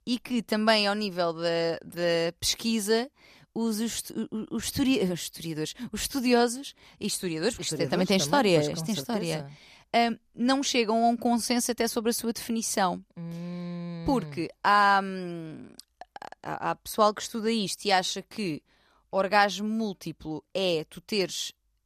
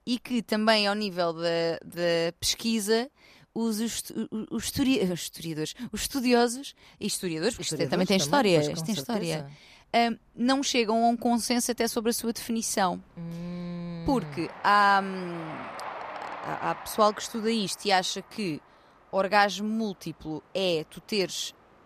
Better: first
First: none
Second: train or aircraft noise; noticeable; throughout; 15 dB below the speech

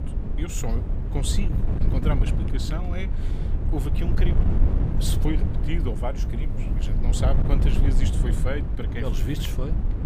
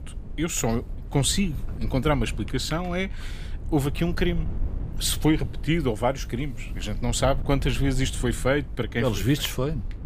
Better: second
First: wind noise on the microphone; heavy; 3 dB below the speech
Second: wind noise on the microphone; occasional gusts; 20 dB below the speech

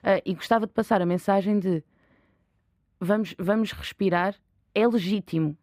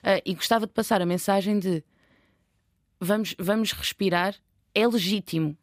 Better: second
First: muffled; slightly; fading above 3 kHz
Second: none

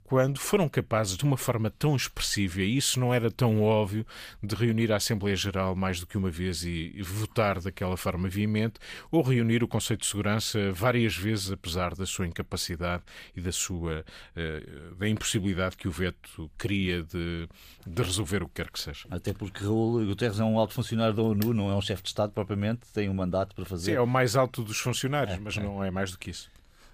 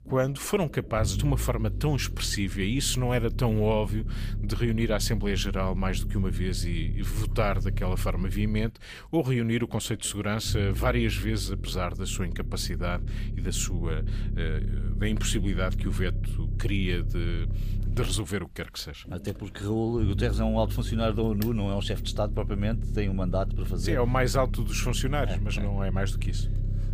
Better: first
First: none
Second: low rumble; noticeable; throughout; 15 dB below the speech

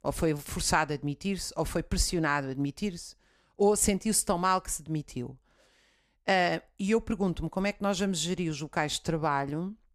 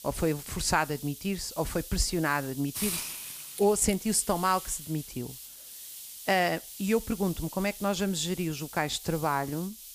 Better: first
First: none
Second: hiss; noticeable; throughout; 10 dB below the speech

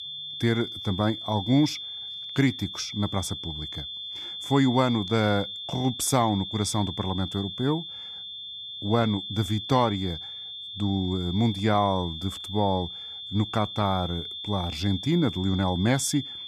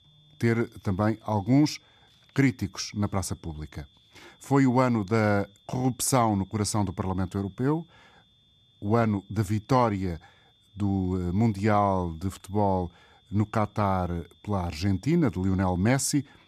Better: second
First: high-pitched whine; loud; throughout; 3.5 kHz, 8 dB below the speech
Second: high-pitched whine; faint; throughout; 3.5 kHz, 35 dB below the speech

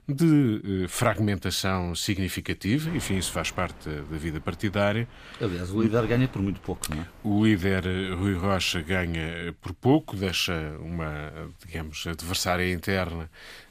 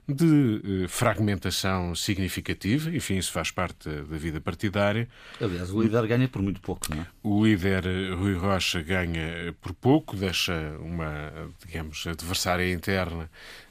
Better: second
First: wind noise on the microphone; occasional gusts; from 3 to 9 s; 20 dB below the speech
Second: none

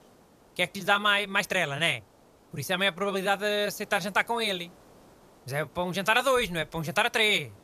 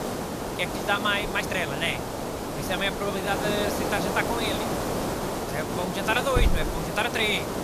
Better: first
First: hiss; faint; throughout; 30 dB below the speech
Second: hiss; loud; throughout; 2 dB below the speech

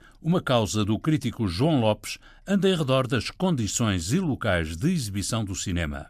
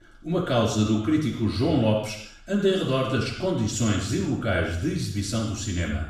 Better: first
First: none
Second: room echo; noticeable; dies away in 0.7 s // off-mic speech; far

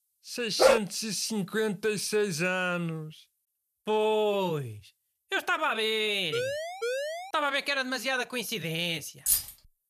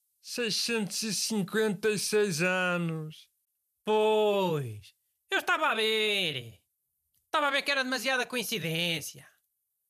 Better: second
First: dog barking; loud; at 0.5 s; peak 6 dB above the speech // siren; noticeable; at 6.5 s; peak 3 dB below the speech // jangling keys; loud; at 9.5 s; peak 3 dB above the speech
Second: none

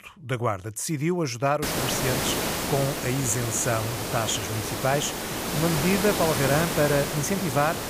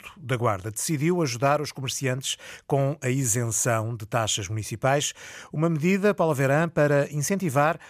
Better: second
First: hiss; loud; from 1.5 s on; 2 dB below the speech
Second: none

